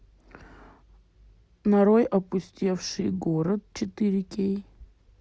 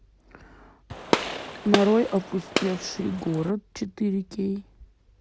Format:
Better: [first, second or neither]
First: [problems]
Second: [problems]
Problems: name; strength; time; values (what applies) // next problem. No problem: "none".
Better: first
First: none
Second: background sound (Gunshot, gunfire); 2 dB below the speech